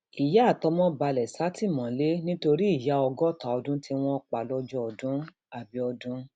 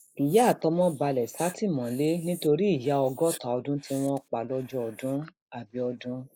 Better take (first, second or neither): first